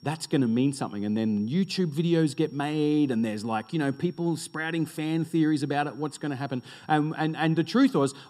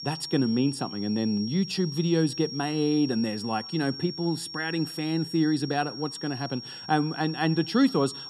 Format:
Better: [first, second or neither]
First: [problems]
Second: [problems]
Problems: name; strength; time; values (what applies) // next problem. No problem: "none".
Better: first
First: high-pitched whine; faint; throughout; 5.5 kHz, 35 dB below the speech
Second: high-pitched whine; loud; throughout; 5.5 kHz, 10 dB below the speech